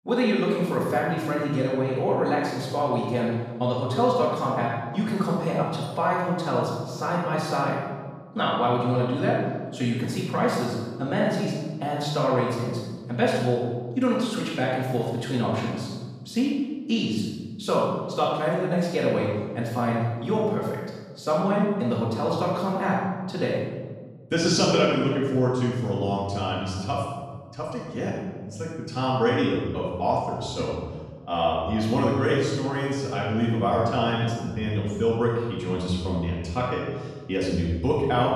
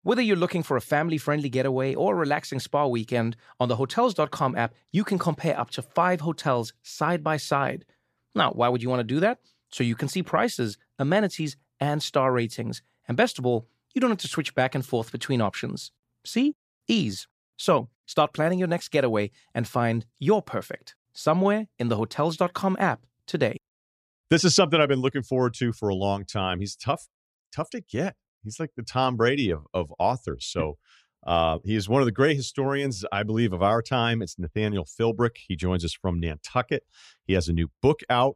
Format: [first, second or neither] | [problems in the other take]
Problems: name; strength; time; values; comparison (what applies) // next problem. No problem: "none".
second | off-mic speech; far // room echo; strong; dies away in 1.3 s